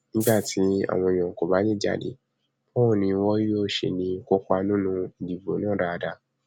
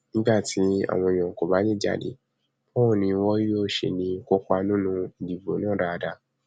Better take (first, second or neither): second